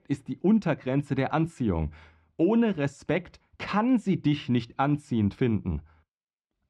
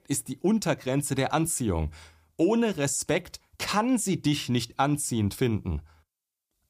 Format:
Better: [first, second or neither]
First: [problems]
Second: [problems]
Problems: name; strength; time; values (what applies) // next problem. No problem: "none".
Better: second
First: muffled; very; fading above 2.5 kHz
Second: none